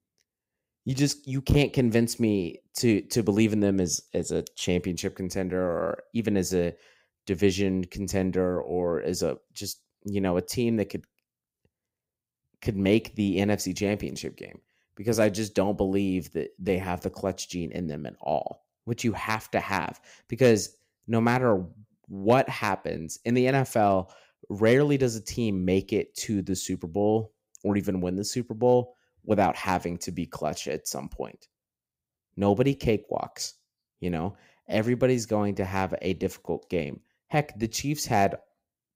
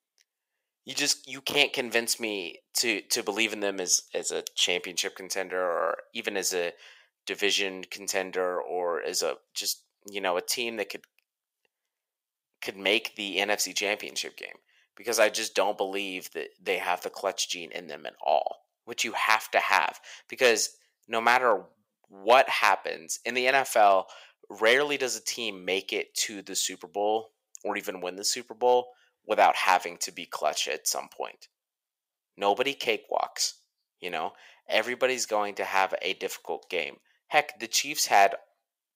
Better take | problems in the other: first | thin; very; fading below 800 Hz

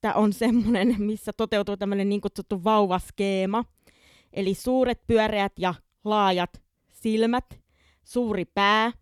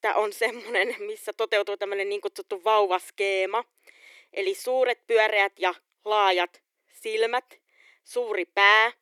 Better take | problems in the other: first | thin; very; fading below 350 Hz

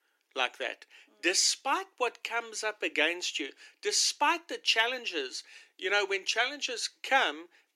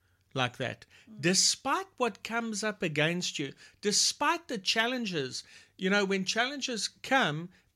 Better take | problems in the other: second | thin; very; fading below 300 Hz

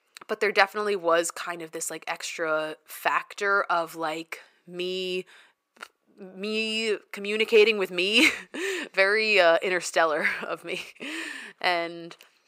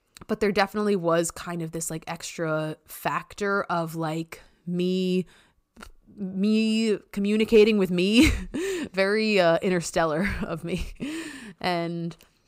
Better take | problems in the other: second | thin; somewhat; fading below 450 Hz

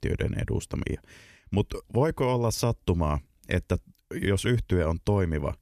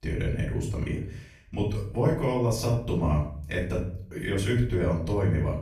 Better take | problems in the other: first | room echo; noticeable; dies away in 0.5 s // off-mic speech; far

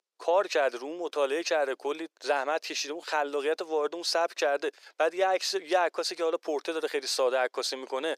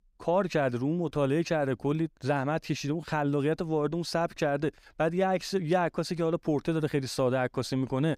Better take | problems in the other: second | thin; very; fading below 400 Hz

